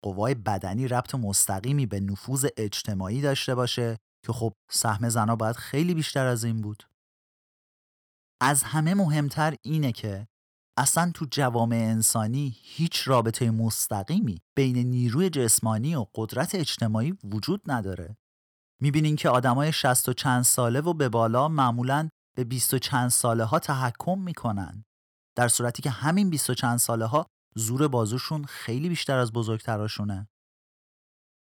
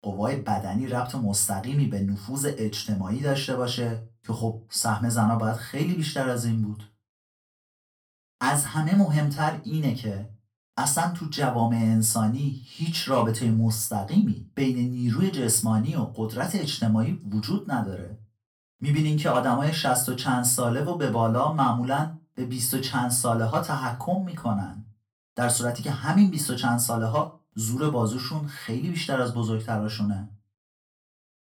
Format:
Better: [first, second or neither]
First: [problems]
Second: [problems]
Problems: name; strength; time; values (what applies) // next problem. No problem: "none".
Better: first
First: none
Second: off-mic speech; far // room echo; very slight; dies away in 0.2 s